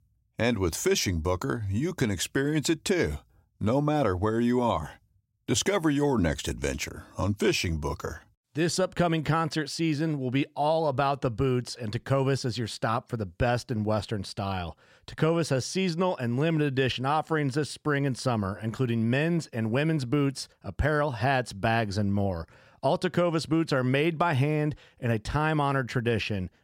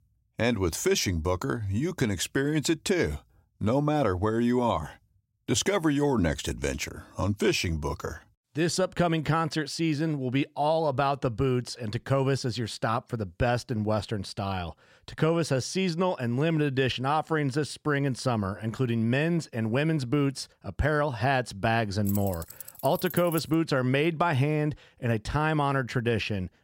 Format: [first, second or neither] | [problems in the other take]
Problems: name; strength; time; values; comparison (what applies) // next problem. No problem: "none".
first | jangling keys; noticeable; from 22 to 24 s; peak 9 dB below the speech